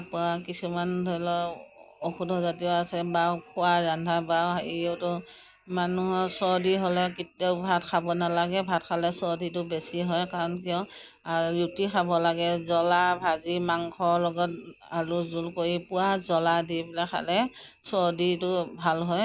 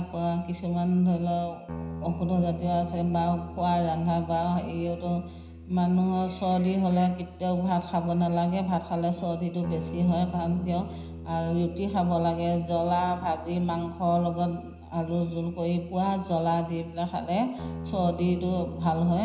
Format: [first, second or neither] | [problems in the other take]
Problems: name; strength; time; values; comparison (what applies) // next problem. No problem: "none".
first | background sound (Guitar); 13 dB below the speech // room echo; dies away in 0.9 s